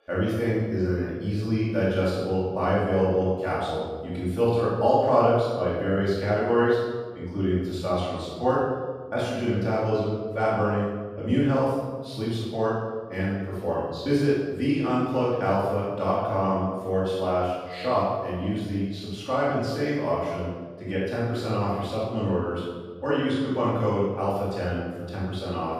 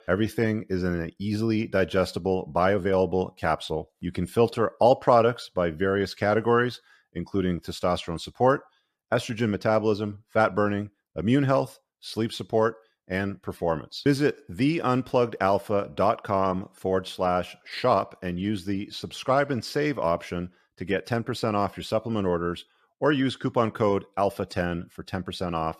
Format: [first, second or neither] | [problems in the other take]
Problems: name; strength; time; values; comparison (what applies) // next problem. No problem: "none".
second | room echo; strong; dies away in 1.2 s // off-mic speech; far